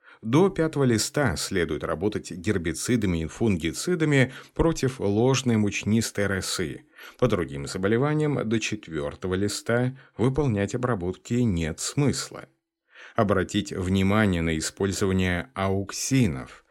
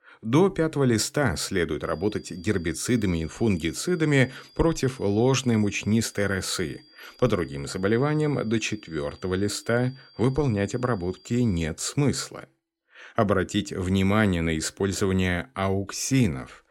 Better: first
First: none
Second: high-pitched whine; faint; from 2 to 12 s; 4.5 kHz, 25 dB below the speech

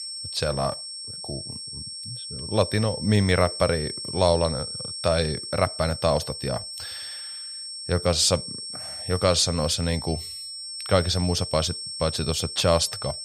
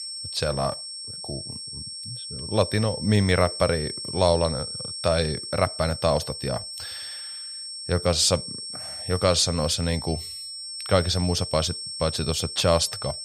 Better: neither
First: high-pitched whine; loud; throughout; 5.5 kHz, 8 dB below the speech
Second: high-pitched whine; loud; throughout; 5.5 kHz, 8 dB below the speech

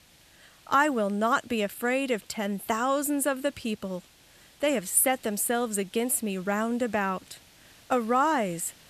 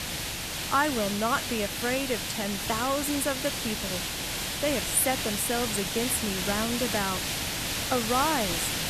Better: first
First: hiss; faint; throughout; 25 dB below the speech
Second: hiss; loud; throughout; 1 dB below the speech

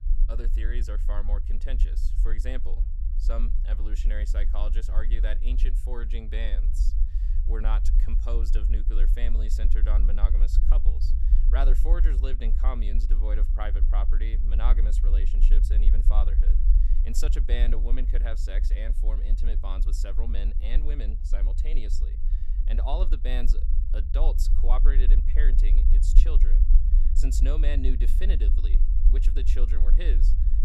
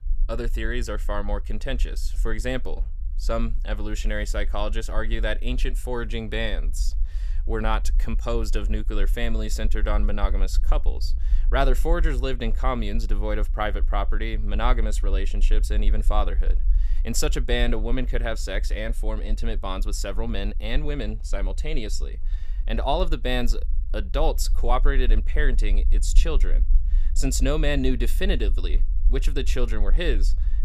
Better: second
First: low rumble; loud; throughout; 8 dB below the speech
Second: low rumble; faint; throughout; 25 dB below the speech

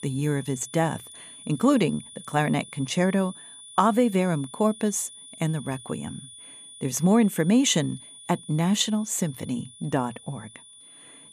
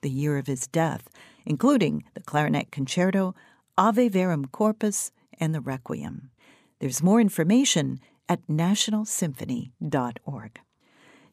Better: second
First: high-pitched whine; noticeable; throughout; 9.5 kHz, 20 dB below the speech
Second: none

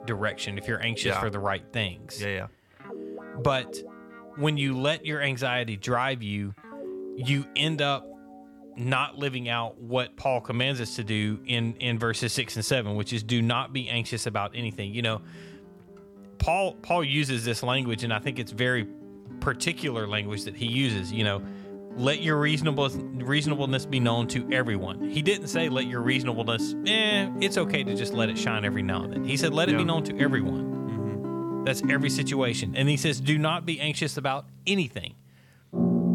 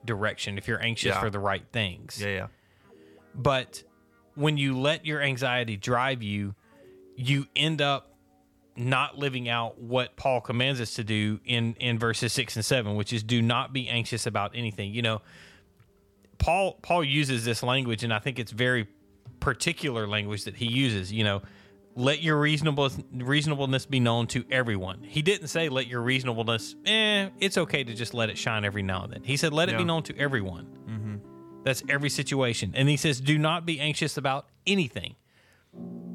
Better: second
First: background music; loud; throughout; 7 dB below the speech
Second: background music; faint; throughout; 25 dB below the speech

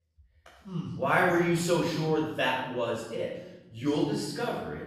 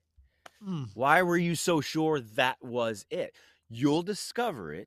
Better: second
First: off-mic speech; far // room echo; noticeable; dies away in 1 s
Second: none

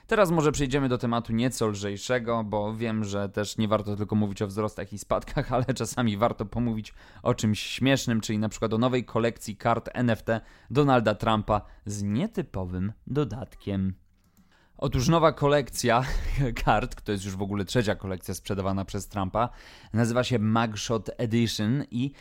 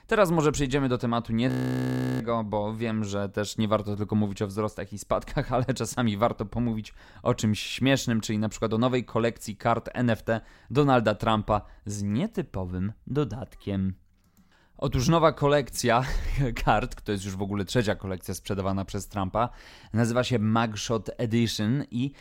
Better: first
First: none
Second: audio freezing; at 1.5 s for 0.5 s

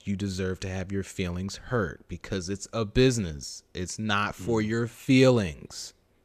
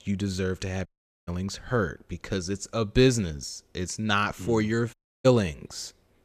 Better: first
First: none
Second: audio cutting out; at 1 s and at 5 s

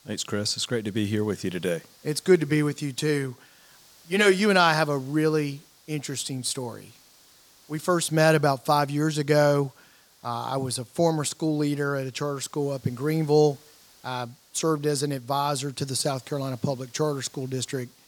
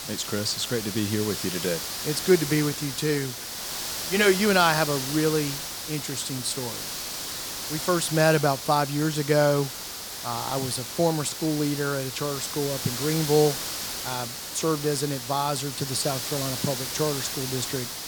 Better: first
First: hiss; faint; throughout; 30 dB below the speech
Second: hiss; loud; throughout; 5 dB below the speech

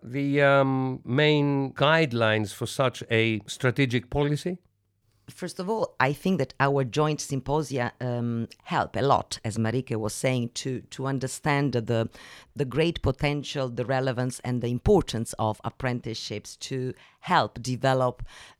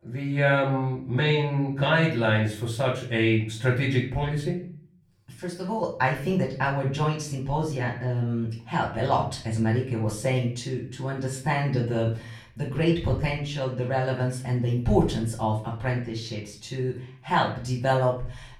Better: first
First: none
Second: off-mic speech; far // room echo; slight; dies away in 0.4 s

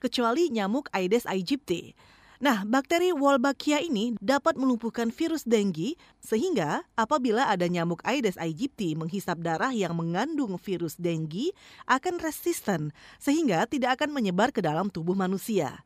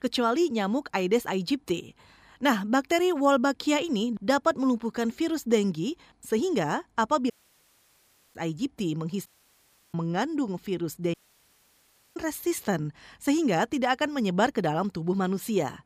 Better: first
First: none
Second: audio cutting out; at 7.5 s for 1 s, at 9.5 s for 0.5 s and at 11 s for 1 s

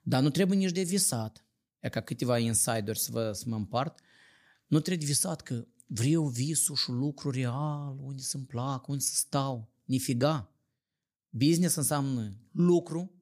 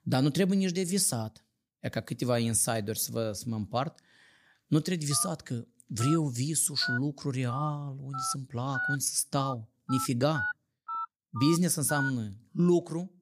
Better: first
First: none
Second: phone ringing; noticeable; from 5 to 12 s; peak 3 dB below the speech

